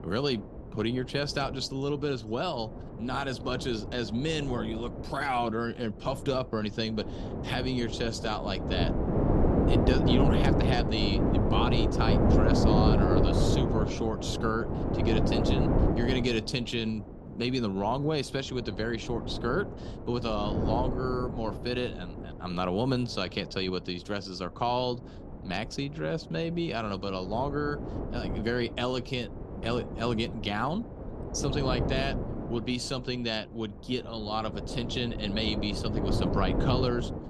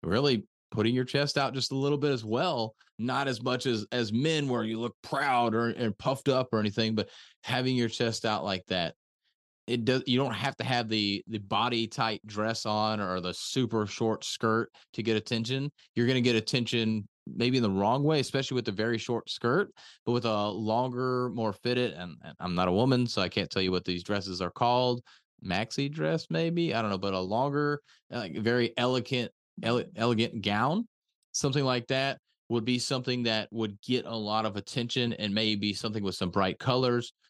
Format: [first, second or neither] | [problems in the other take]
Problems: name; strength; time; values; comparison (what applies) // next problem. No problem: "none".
second | wind noise on the microphone; heavy; 2 dB below the speech